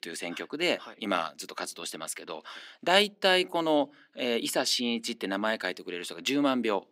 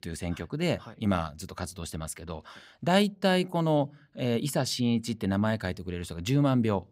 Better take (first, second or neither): second